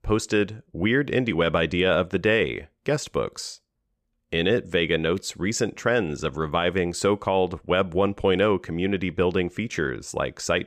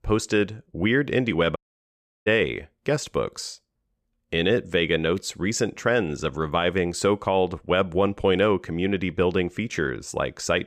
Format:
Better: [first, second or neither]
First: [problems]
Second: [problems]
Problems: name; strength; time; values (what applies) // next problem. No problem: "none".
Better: first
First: none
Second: audio cutting out; at 1.5 s for 0.5 s